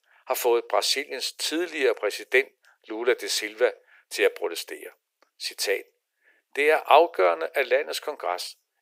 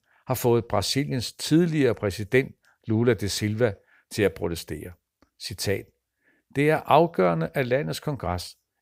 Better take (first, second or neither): second